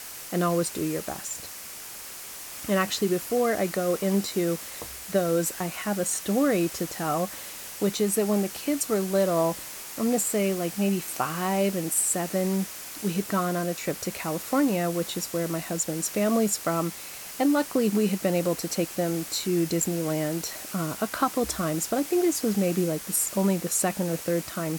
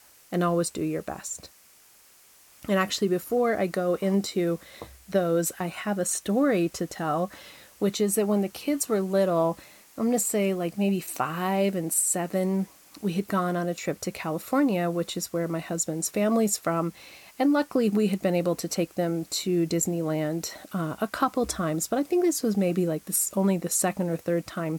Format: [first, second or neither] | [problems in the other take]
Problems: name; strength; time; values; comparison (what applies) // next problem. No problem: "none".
second | hiss; loud; throughout; 10 dB below the speech; faint in the second